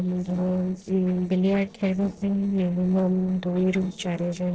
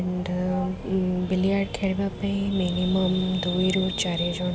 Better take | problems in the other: second | noise reduction (neural separator model SepFormer DNS4)

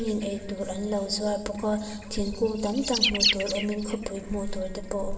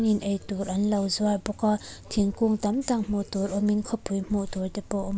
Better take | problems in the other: second | background sound (Bird); 5 dB below the speech // room echo; dies away in 2.7 s

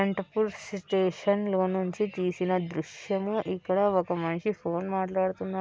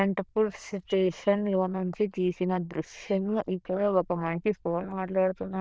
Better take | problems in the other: first | noise reduction (neural diffusion model UNIVERSE++)

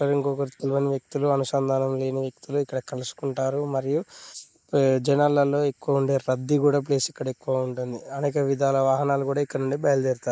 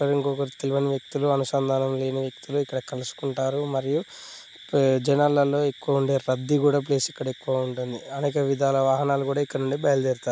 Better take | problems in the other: second | noise reduction (neural mask model Resemble Enhance denoiser)

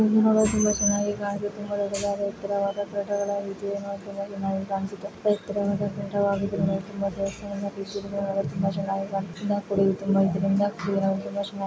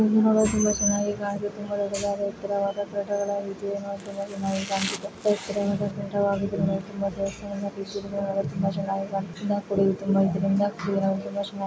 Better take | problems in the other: first | background sound (Domestic sounds, home sounds); 12 dB below the speech

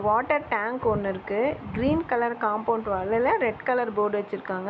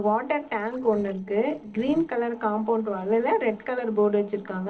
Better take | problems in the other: first | noise reduction (neural separator model SepFormer DNS4)

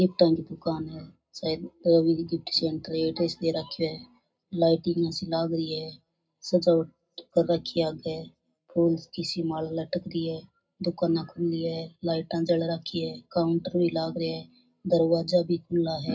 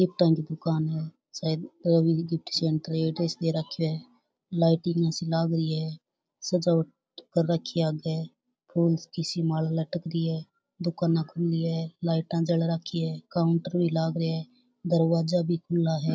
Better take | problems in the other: second | room echo; dies away in 0.2 s

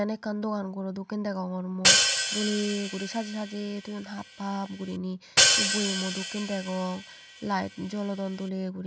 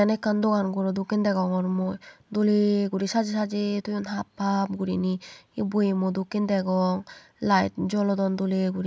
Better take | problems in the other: second | background sound (Hi-hat); 4 dB above the speech

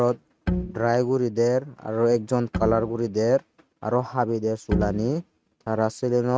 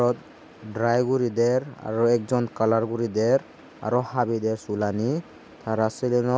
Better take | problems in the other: second | noise reduction (neural mask model RNNoise)

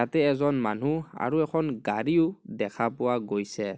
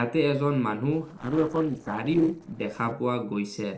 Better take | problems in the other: first | noise reduction (neural separator model SepFormer DNS4)

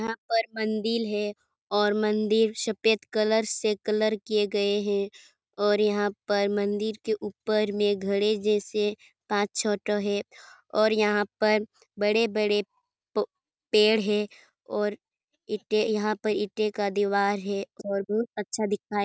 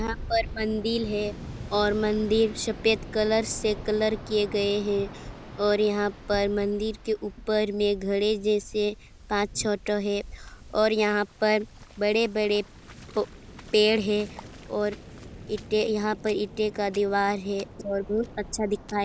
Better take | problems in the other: first | background sound (Waves, surf); 14 dB below the speech

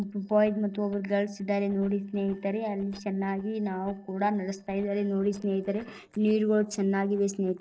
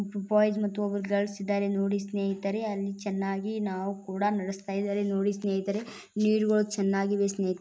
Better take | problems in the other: second | noise reduction (neural separator model SepFormer DNS4)

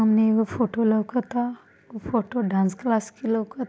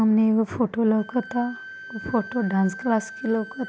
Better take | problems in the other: first | background sound (Wind instrument, woodwind instrument); 17 dB below the speech

